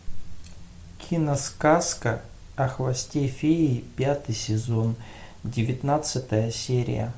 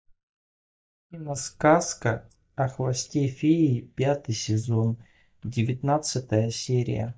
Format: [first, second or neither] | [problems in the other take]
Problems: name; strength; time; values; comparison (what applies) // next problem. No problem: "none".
first | noise reduction (neural mask model DeepFilterNet 3)